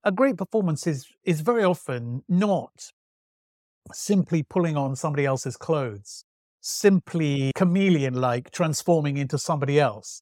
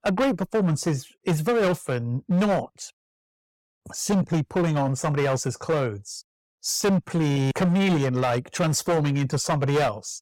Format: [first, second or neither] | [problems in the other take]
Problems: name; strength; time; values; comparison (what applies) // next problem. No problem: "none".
first | distortion; heavy; 15% of the sound clipped